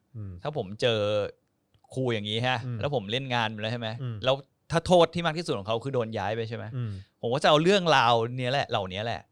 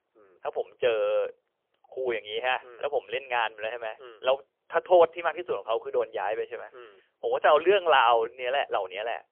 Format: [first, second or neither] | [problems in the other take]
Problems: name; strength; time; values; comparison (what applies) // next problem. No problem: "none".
first | phone-call audio; poor line; nothing above 3.5 kHz